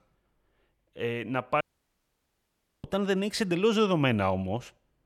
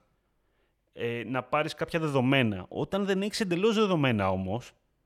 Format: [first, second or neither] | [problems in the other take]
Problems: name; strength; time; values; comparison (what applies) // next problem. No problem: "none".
second | audio cutting out; at 1.5 s for 1 s